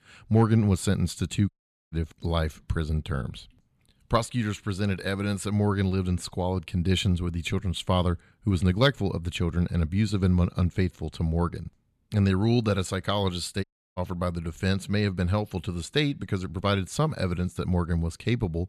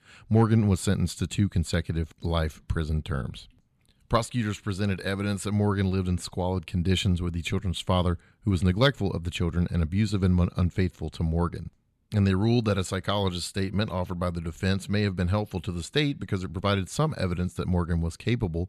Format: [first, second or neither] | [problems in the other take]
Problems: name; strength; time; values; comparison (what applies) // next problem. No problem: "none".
second | audio cutting out; at 1.5 s and at 14 s